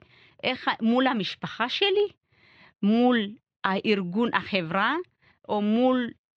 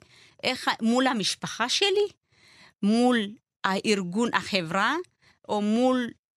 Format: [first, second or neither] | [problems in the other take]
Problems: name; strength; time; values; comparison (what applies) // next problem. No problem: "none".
second | muffled; slightly; fading above 3 kHz